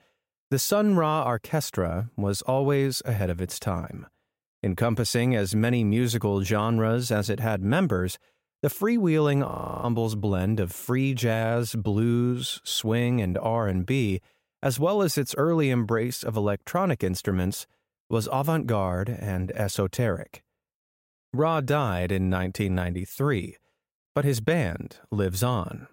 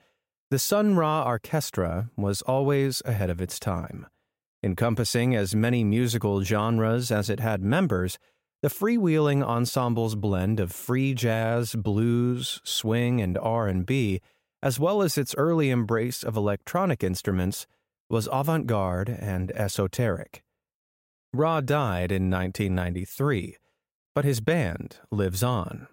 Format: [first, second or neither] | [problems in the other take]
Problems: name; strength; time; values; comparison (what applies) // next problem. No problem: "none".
second | audio freezing; at 9.5 s